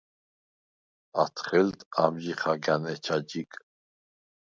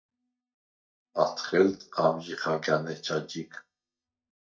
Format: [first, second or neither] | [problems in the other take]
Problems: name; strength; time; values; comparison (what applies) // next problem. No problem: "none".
first | noise reduction (neural mask model DeepFilterNet 3)